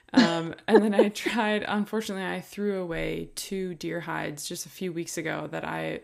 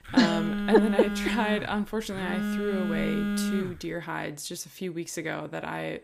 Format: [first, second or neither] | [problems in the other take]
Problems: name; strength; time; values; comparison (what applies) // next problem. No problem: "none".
first | phone ringing; loud; until 4 s; peak 1 dB above the speech